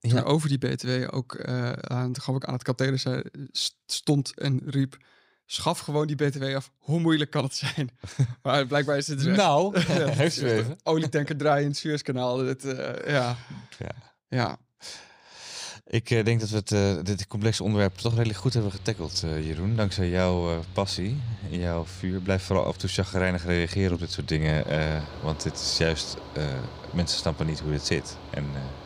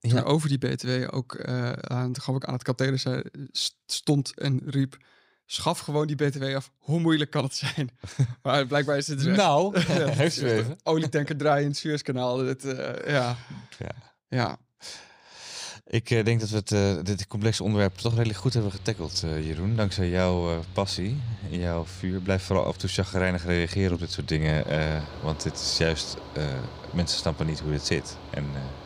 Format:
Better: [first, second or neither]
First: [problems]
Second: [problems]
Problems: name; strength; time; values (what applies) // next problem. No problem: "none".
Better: neither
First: machinery noise; noticeable; from 18 s on; 15 dB below the speech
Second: machinery noise; noticeable; from 18 s on; 15 dB below the speech